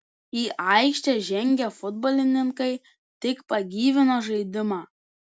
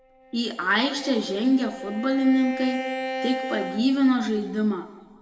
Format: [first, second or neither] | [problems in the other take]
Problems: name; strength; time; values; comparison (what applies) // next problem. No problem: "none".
first | background sound (Bowed string instrument); 10 dB below the speech // room echo; dies away in 1.5 s